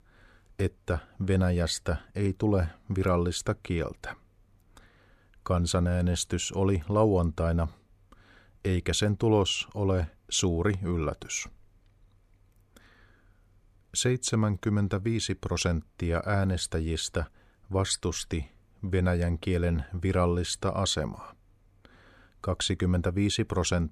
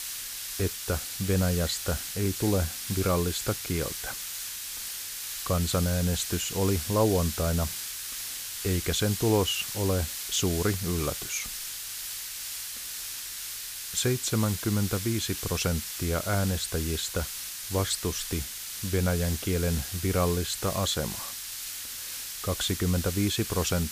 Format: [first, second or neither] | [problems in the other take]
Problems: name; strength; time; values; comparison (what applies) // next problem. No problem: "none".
first | hiss; loud; throughout; 5 dB below the speech